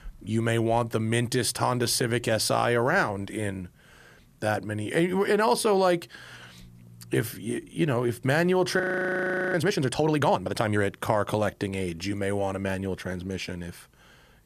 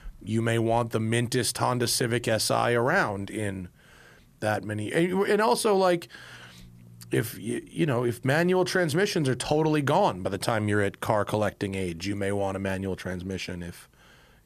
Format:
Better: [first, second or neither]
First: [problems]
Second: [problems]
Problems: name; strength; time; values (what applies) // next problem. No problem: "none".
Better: second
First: audio freezing; at 9 s for 0.5 s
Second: none